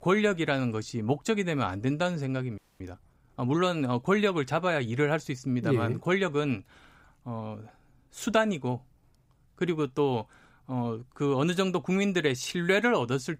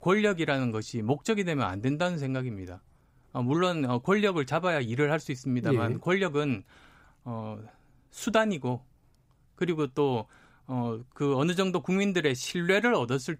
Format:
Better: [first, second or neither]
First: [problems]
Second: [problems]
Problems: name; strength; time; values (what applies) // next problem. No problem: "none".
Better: second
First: audio freezing; at 2.5 s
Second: none